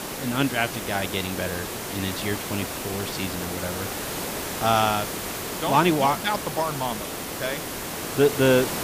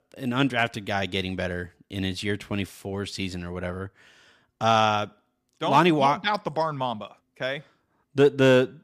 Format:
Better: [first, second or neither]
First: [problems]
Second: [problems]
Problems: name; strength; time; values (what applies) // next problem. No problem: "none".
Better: second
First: hiss; loud; throughout; 5 dB below the speech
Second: none